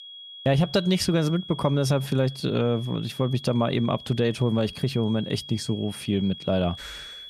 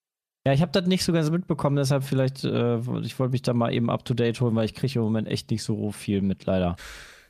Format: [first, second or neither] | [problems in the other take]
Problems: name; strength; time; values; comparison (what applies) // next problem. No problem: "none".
second | high-pitched whine; noticeable; throughout; 3.5 kHz, 15 dB below the speech